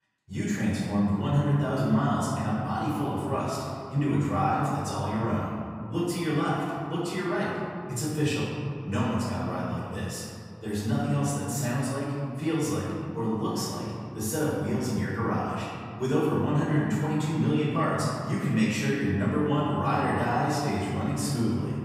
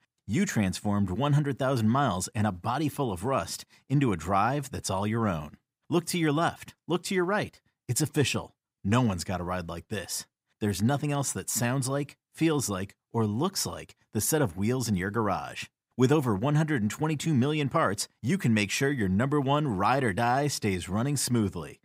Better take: second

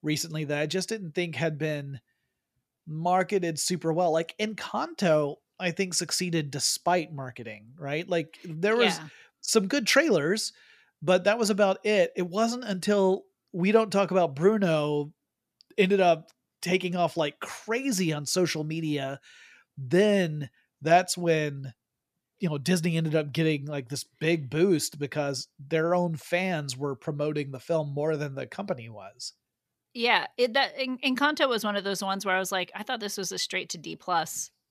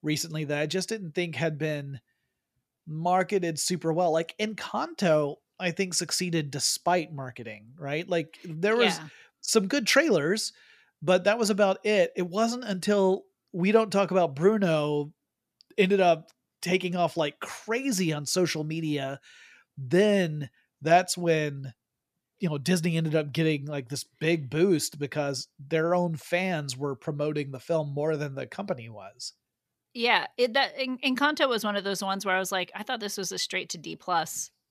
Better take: neither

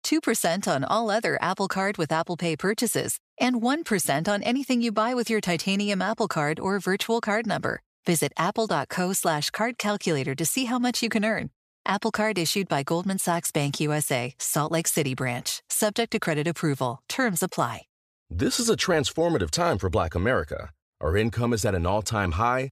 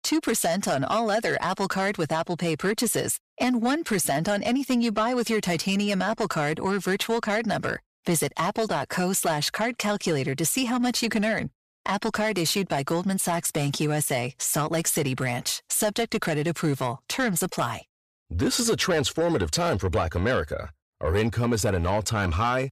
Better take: first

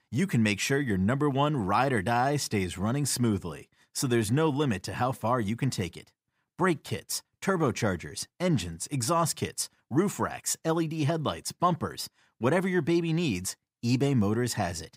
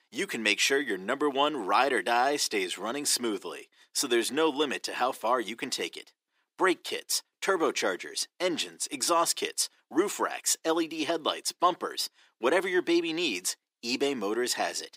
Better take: first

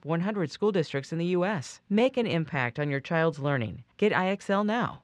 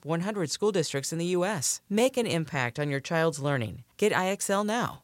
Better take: second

